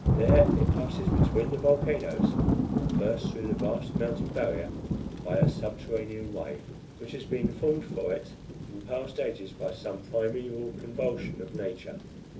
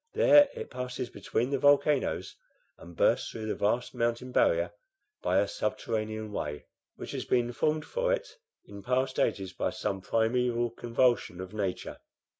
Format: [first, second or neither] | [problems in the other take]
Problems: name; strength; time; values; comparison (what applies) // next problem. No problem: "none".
second | background sound (Thunder / Rain); 1 dB above the speech // room echo; dies away in 0.3 s